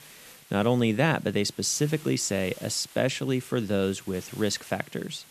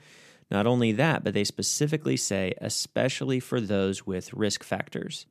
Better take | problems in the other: second | hiss; faint; throughout; 20 dB below the speech

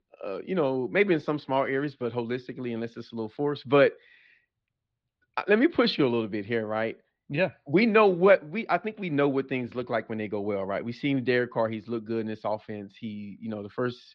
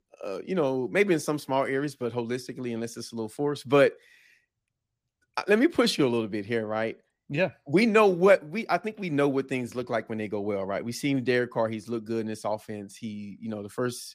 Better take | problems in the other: second | muffled; very slightly; fading above 4 kHz

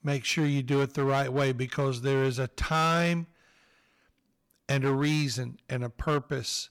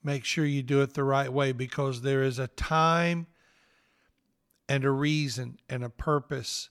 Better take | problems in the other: second | distortion; slight; 8% of the sound clipped

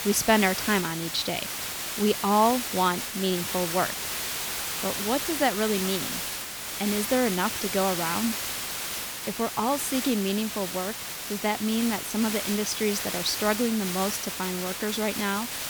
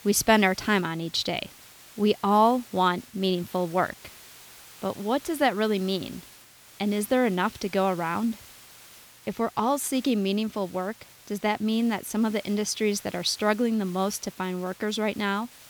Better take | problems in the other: second | hiss; loud; throughout; 3 dB below the speech; faint in the second

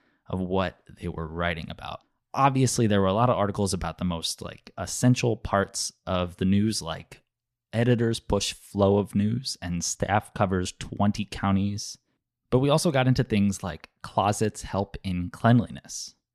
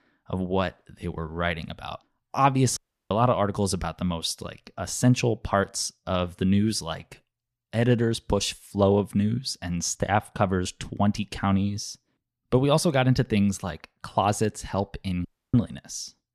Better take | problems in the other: first | audio cutting out; at 3 s and at 15 s

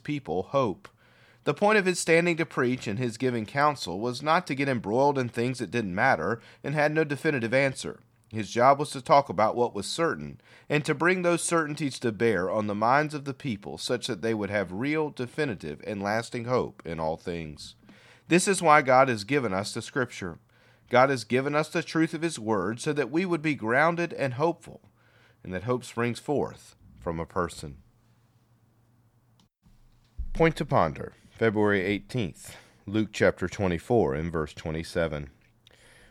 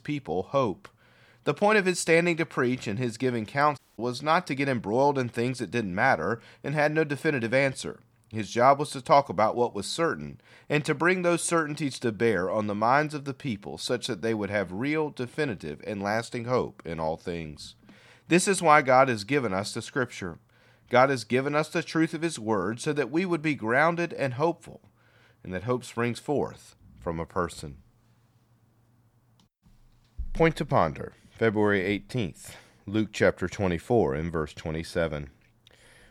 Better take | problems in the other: first | audio cutting out; at 4 s

